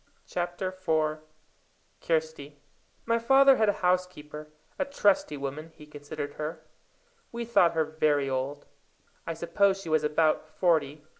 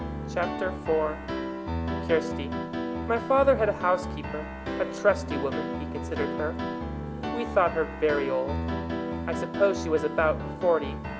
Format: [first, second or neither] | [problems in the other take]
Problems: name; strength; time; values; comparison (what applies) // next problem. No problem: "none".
first | background sound (Piano); 4 dB below the speech